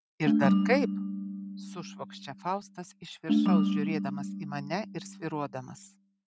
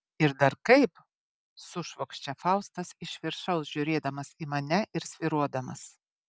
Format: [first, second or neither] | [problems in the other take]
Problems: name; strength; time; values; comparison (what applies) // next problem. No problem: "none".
second | background sound (Ringtone); 5 dB above the speech